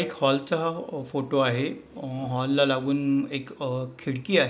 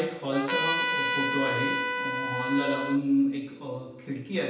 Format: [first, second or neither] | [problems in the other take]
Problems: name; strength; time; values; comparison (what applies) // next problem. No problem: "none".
first | background sound (Trumpet); as loud as the speech // room echo; dies away in 0.9 s